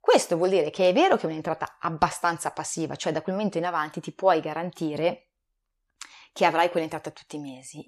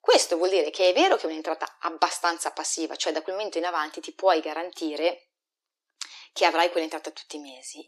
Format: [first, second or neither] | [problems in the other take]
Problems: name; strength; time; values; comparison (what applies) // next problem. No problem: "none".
first | thin; somewhat; fading below 300 Hz